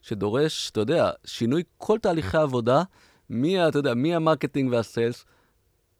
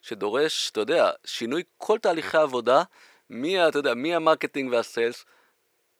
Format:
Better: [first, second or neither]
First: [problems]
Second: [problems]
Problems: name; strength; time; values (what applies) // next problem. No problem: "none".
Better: first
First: none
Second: thin; somewhat; fading below 400 Hz